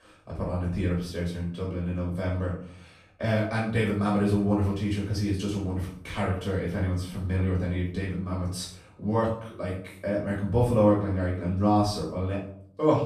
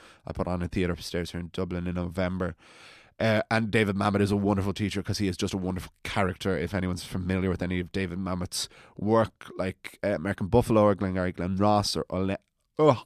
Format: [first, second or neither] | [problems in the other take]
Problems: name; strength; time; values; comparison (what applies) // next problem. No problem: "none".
second | off-mic speech; far // room echo; noticeable; dies away in 0.5 s